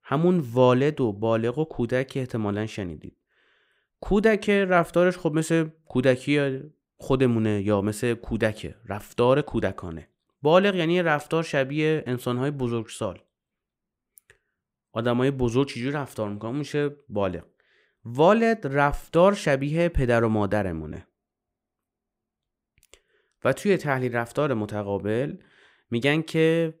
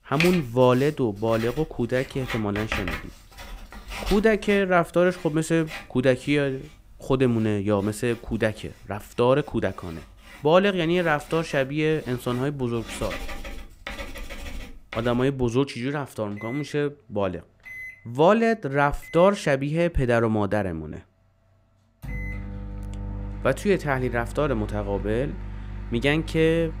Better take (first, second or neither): first